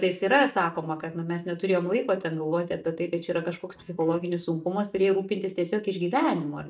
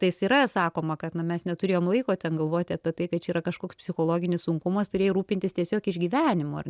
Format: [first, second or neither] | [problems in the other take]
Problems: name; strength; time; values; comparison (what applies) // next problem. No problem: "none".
second | noise reduction (neural mask model DeepFilterNet 3)